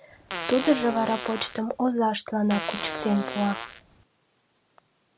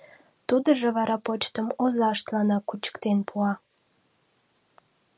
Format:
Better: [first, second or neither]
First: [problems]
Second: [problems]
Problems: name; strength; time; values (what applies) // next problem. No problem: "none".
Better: second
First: background sound (Fart); 7 dB below the speech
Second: none